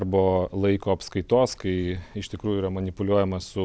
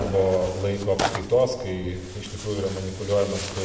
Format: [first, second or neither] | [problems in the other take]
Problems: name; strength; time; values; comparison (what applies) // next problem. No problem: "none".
first | background sound (Tearing); 9 dB below the speech // room echo; dies away in 1.5 s